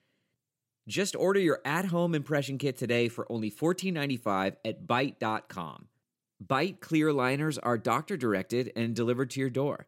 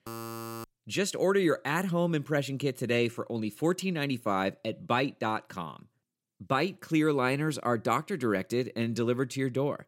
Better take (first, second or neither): first